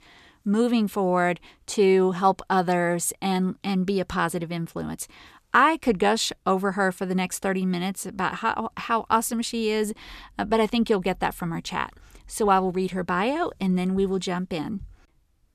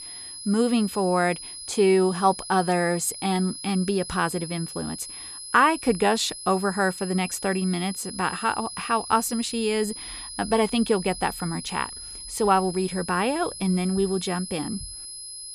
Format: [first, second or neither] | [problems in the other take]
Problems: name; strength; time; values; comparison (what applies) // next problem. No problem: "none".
first | high-pitched whine; noticeable; throughout; 10.5 kHz, 10 dB below the speech